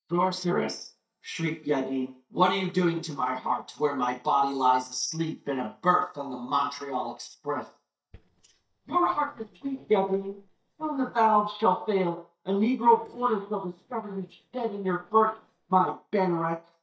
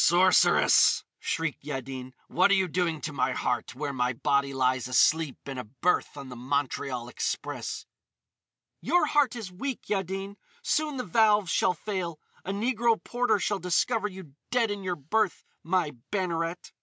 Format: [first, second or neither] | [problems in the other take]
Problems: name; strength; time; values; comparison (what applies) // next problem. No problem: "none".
second | noise reduction (neural mask model DeepFilterNet 3)